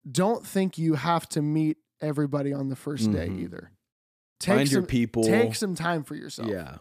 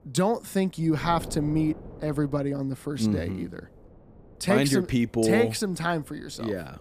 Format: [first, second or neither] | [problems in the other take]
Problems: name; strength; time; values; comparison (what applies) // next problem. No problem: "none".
first | wind noise on the microphone; occasional gusts; 20 dB below the speech